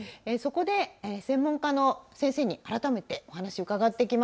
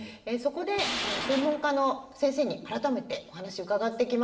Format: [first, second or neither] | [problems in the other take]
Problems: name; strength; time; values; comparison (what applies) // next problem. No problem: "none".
first | background sound (Tools); 6 dB below the speech // room echo; dies away in 0.8 s